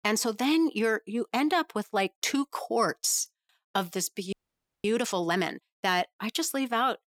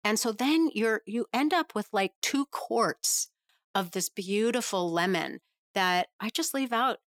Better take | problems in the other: second | audio freezing; at 4.5 s for 0.5 s

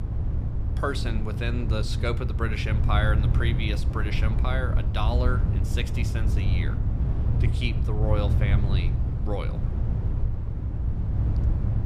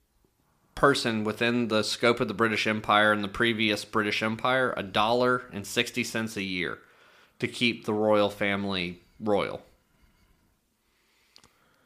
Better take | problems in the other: second | low rumble; loud; throughout; 7 dB below the speech

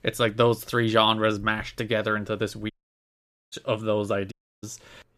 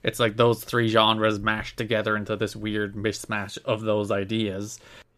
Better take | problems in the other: second | audio cutting out; at 2.5 s for 1 s and at 4.5 s

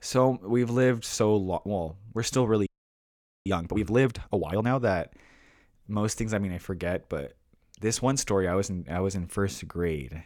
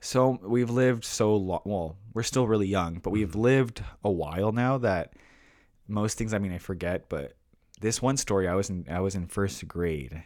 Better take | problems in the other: second | audio freezing; at 2.5 s for 1 s

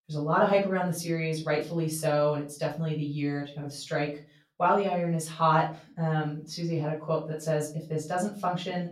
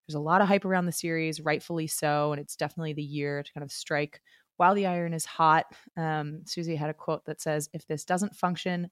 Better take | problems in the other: second | off-mic speech; far // room echo; slight; dies away in 0.3 s

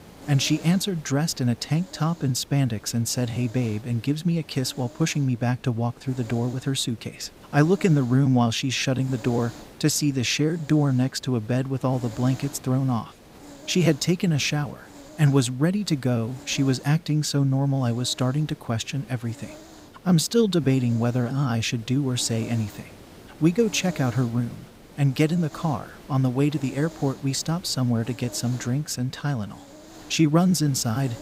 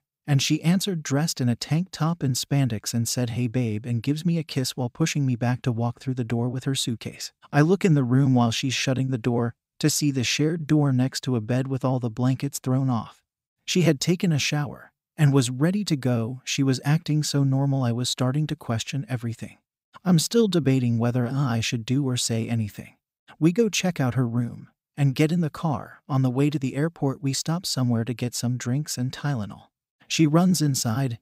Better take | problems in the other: second | hiss; faint; throughout; 20 dB below the speech

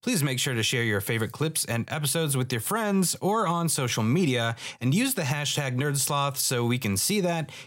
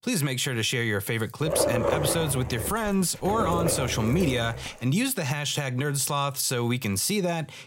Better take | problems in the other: first | dog barking; loud; from 1.5 to 4.5 s; peak 1 dB above the speech

